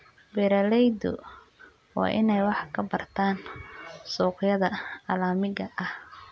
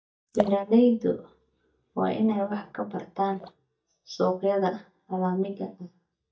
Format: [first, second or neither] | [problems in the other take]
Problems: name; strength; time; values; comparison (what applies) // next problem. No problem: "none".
first | noise reduction (neural mask model DeepFilterNet 3)